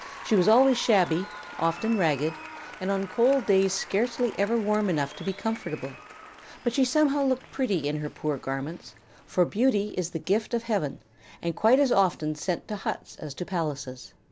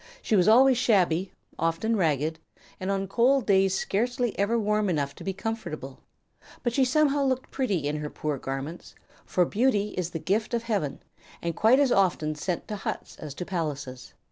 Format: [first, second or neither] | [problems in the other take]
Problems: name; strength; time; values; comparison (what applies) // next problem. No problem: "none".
second | background sound (Applause); 18 dB below the speech